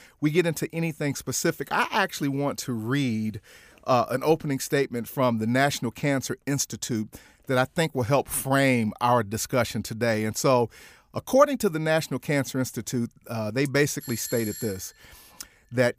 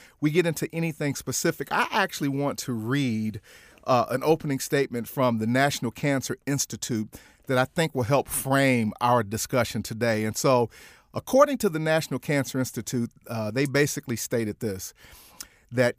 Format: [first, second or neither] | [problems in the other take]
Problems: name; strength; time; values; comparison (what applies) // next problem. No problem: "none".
second | doorbell; noticeable; at 14 s; peak 10 dB below the speech